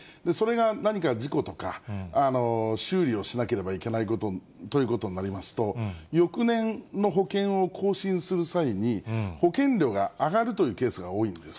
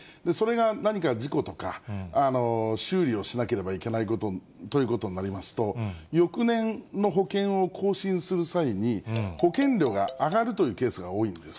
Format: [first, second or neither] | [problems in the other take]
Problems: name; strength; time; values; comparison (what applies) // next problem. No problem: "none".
first | background sound (Marimba, xylophone); 16 dB below the speech